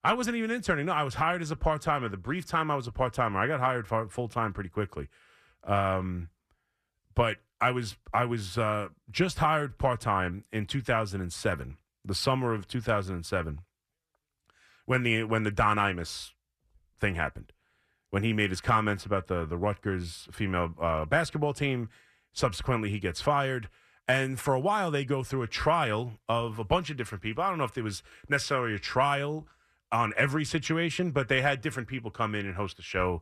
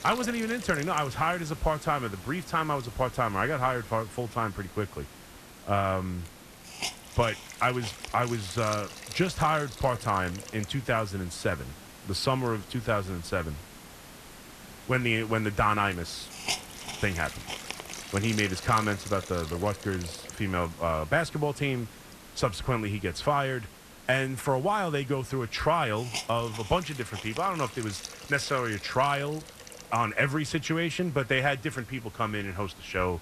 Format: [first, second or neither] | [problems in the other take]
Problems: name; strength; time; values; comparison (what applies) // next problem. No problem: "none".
first | hiss; noticeable; throughout; 15 dB below the speech